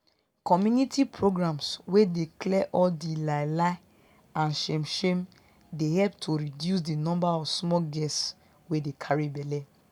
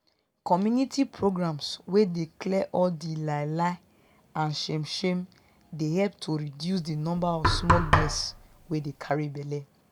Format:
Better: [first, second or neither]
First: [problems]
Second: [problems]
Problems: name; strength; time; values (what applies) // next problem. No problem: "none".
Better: first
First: none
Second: background sound (Knock); 1 dB above the speech